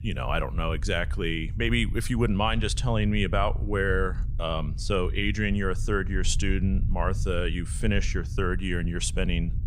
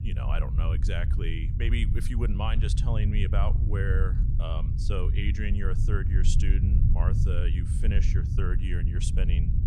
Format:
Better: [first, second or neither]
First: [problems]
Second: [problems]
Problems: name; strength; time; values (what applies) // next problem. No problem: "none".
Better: first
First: low rumble; faint; throughout; 20 dB below the speech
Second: low rumble; loud; throughout; 5 dB below the speech